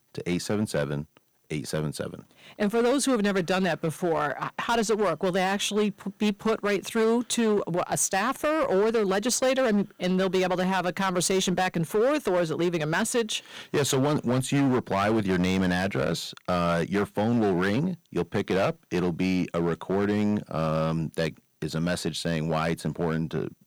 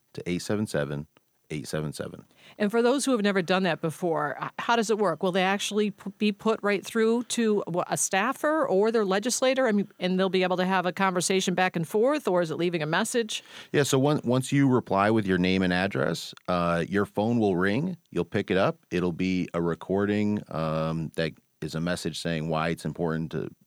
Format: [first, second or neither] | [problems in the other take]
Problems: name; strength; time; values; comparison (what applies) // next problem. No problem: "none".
second | distortion; slight; 10% of the sound clipped